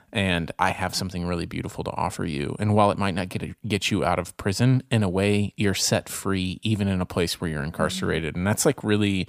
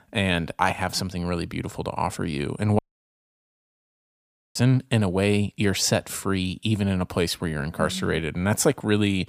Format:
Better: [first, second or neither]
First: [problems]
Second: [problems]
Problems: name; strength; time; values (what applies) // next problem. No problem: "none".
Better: first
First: none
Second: audio cutting out; at 3 s for 2 s